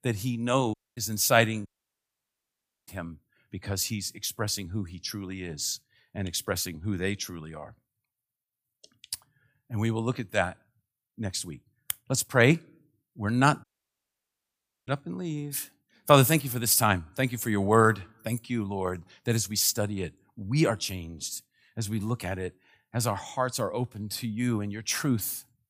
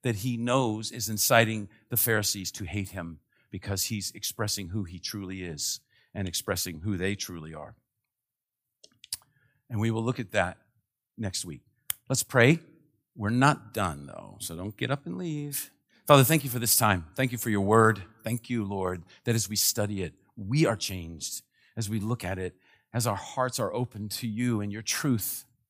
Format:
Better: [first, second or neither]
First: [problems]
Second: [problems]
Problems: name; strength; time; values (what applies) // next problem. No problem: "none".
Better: second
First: audio cutting out; at 0.5 s, at 1.5 s for 1 s and at 14 s for 1 s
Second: none